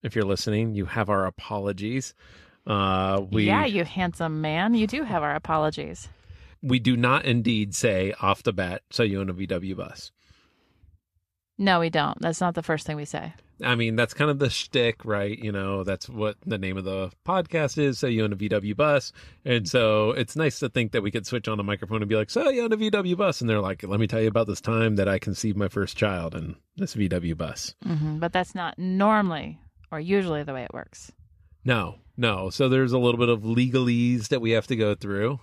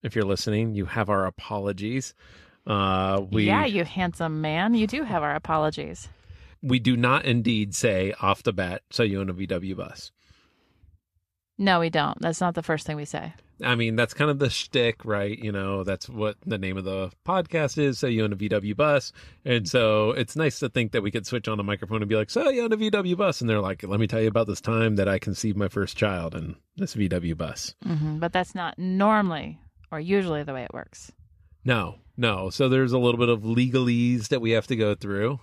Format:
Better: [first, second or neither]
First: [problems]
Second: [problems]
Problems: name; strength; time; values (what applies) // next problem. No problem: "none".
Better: neither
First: none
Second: none